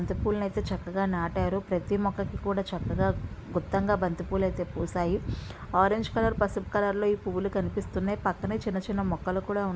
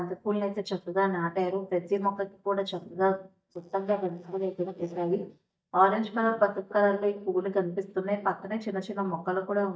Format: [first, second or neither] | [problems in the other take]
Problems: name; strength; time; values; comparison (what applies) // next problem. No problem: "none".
first | noise reduction (neural mask model DeepFilterNet 3)